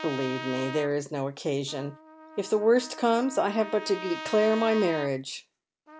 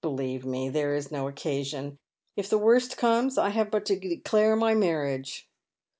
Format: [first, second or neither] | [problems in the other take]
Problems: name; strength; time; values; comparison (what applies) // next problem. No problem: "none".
second | background sound (Trumpet); 13 dB below the speech